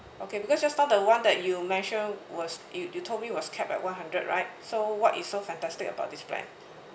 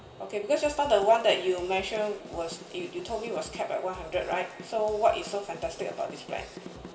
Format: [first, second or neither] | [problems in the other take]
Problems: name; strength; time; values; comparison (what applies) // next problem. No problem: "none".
first | background sound (Drum / Drum kit); 17 dB below the speech // room echo; dies away in 2.7 s